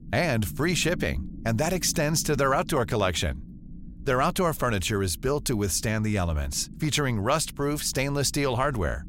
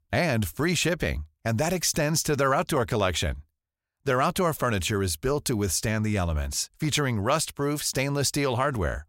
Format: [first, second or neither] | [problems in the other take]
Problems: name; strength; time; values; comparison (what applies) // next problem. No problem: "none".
second | low rumble; faint; throughout; 25 dB below the speech